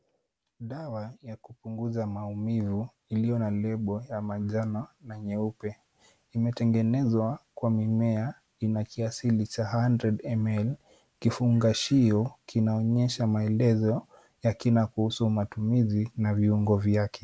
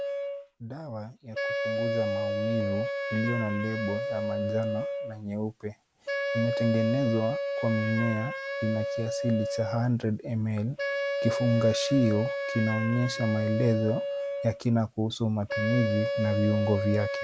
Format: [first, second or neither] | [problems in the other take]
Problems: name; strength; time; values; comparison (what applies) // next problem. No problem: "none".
first | background sound (Wind instrument, woodwind instrument); 3 dB below the speech